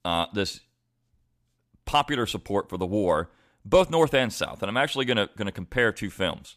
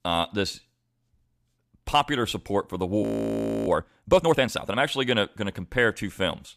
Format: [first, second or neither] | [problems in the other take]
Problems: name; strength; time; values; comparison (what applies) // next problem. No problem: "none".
first | audio freezing; at 3 s for 0.5 s